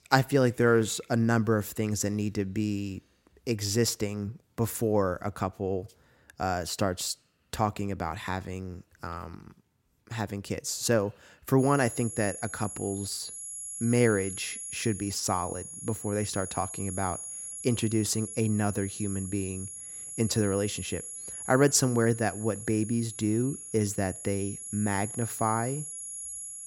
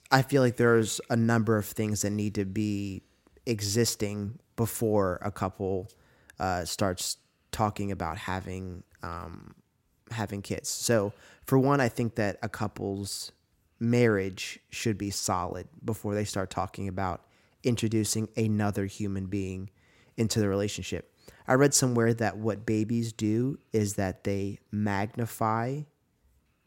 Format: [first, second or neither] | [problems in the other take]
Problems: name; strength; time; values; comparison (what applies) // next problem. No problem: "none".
second | high-pitched whine; loud; from 12 s on; 11 kHz, 8 dB below the speech